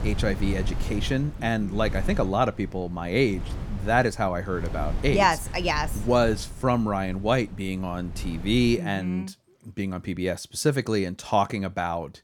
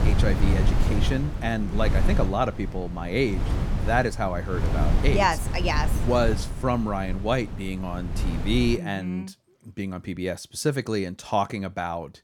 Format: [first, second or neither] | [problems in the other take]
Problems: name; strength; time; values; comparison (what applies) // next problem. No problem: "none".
first | wind noise on the microphone; heavy; until 9 s; 10 dB below the speech; occasional gusts in the first